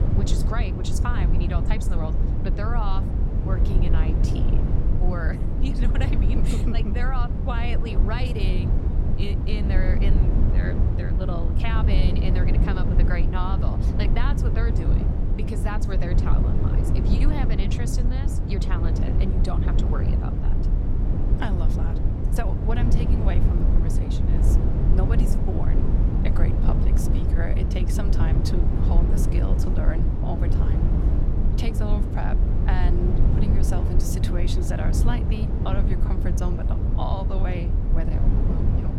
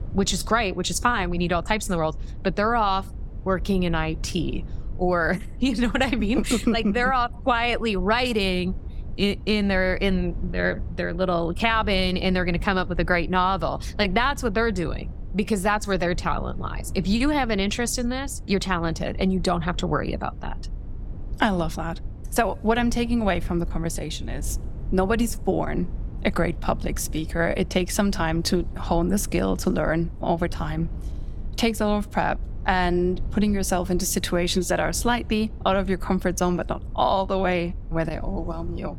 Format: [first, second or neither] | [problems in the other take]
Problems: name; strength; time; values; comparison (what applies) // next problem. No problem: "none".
second | low rumble; loud; throughout; 1 dB below the speech; faint in the second